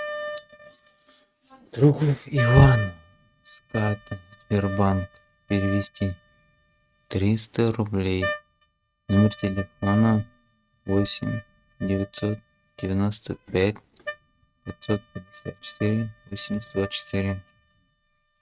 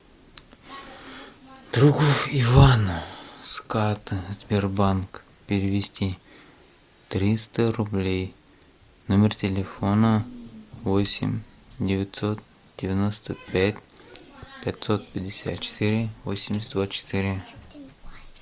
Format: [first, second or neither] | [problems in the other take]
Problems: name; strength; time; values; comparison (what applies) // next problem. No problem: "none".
second | noise reduction (neural mask model RNNoise)